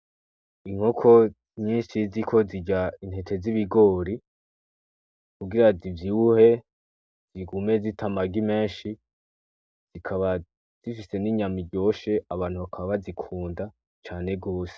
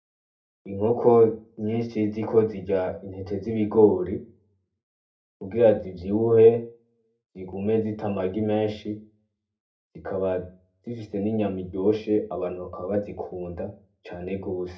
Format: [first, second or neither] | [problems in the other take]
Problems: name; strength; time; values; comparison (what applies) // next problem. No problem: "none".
first | room echo; dies away in 0.3 s